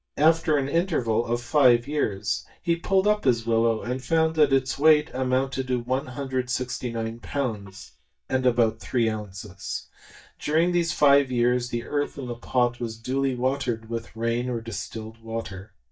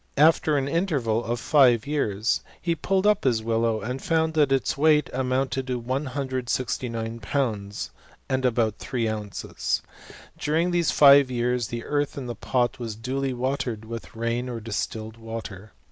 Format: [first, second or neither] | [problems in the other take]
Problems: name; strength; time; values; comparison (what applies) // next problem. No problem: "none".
second | noise reduction (neural mask model DeepFilterNet 3)